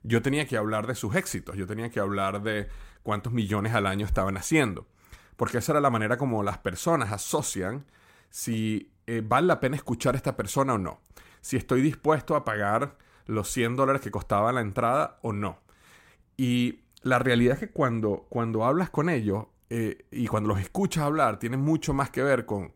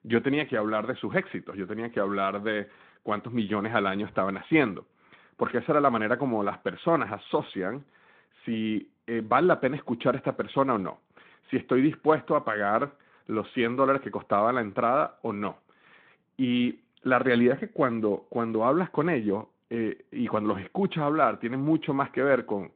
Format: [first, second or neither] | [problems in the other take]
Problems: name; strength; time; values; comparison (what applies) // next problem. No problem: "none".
first | phone-call audio; nothing above 3.5 kHz